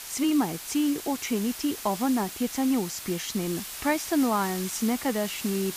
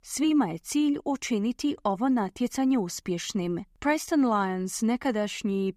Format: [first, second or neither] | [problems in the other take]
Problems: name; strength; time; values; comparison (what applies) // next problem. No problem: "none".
second | hiss; loud; throughout; 8 dB below the speech